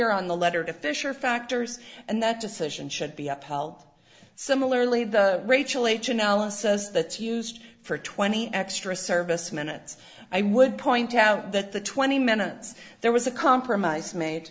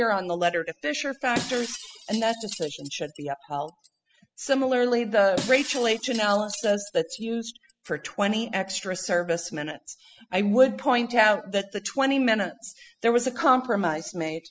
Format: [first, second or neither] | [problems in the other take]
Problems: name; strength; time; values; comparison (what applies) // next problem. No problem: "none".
first | noise reduction (classical method spectral subtraction)